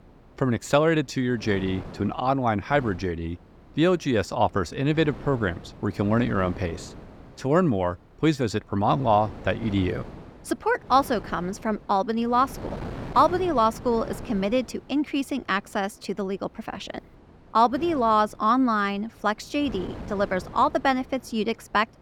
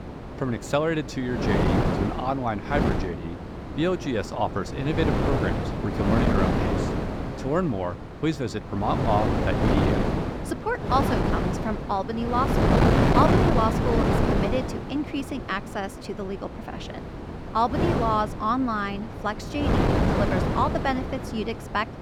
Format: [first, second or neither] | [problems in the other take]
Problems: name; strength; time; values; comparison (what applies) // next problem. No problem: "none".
first | wind noise on the microphone; heavy; 1 dB below the speech; occasional gusts in the first